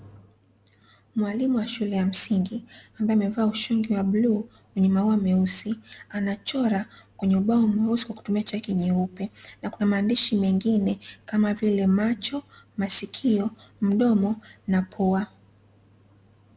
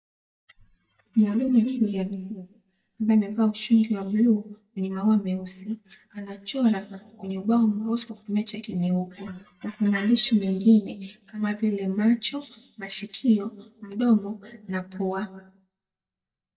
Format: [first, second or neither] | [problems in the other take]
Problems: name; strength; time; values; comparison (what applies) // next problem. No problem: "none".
first | noise reduction (neural mask model DeepFilterNet 3)